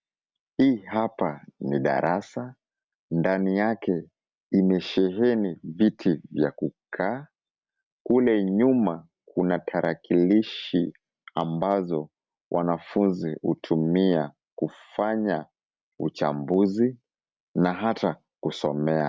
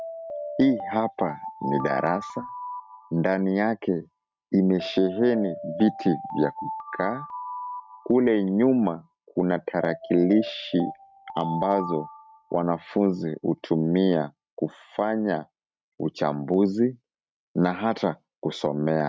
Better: first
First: none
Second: noise reduction (neural mask model RNNoise)

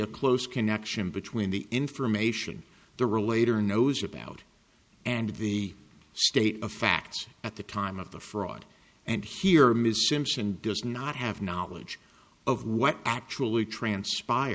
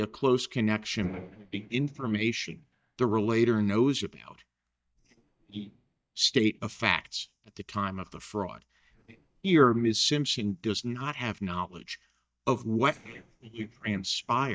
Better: first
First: none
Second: noise reduction (neural mask model DeepFilterNet 3)

